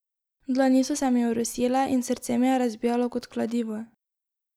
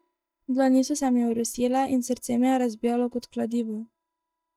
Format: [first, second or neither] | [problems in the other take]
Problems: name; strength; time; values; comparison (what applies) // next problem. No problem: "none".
first | noise reduction (neural mask model DeepFilterNet 3)